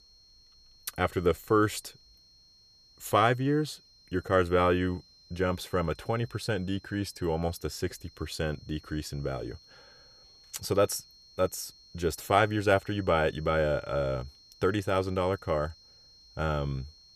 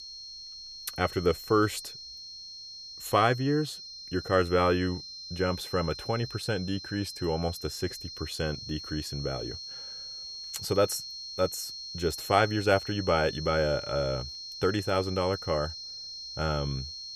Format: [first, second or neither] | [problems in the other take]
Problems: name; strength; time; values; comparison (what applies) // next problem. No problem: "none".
first | high-pitched whine; loud; throughout; 4 kHz, 9 dB below the speech; faint in the first